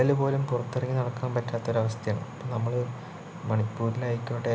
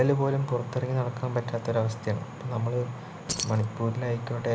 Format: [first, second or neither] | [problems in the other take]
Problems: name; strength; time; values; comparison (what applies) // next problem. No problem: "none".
first | background sound (Keys jangling); 10 dB below the speech